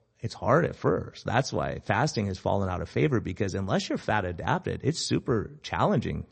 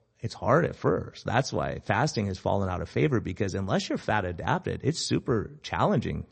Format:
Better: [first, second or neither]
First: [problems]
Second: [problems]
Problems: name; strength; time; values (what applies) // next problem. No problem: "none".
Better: neither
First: garbled, watery; slightly; nothing above 8 kHz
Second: garbled, watery; slightly; nothing above 8 kHz